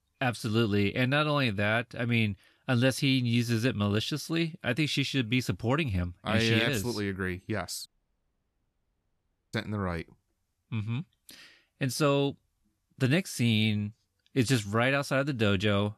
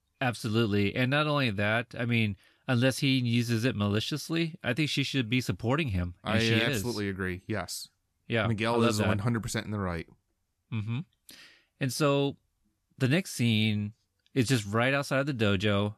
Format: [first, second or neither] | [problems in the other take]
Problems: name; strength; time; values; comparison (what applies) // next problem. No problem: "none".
second | audio cutting out; at 8 s for 1.5 s